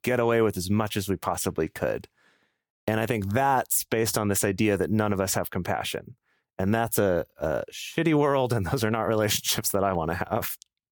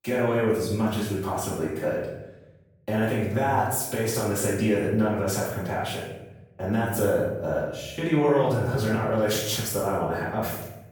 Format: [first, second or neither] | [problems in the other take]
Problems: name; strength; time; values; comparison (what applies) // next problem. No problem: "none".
first | room echo; noticeable; dies away in 1 s // off-mic speech; far